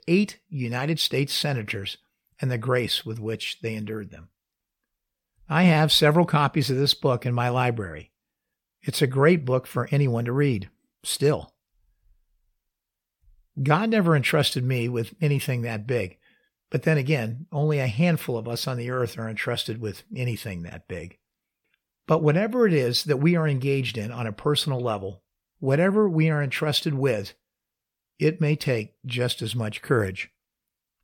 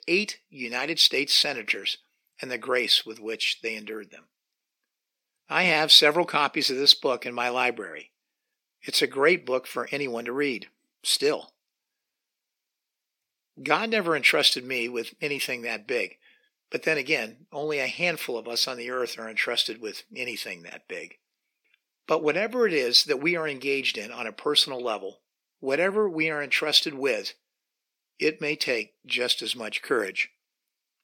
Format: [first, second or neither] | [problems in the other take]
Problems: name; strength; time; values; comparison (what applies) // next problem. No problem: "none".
first | thin; somewhat; fading below 250 Hz